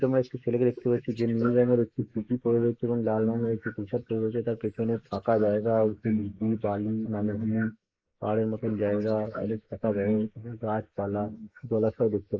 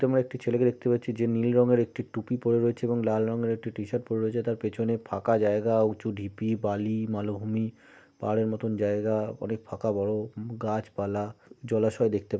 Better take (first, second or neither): second